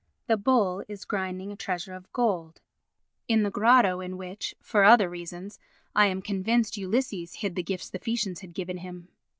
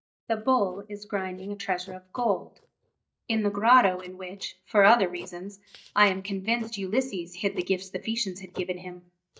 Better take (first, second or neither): first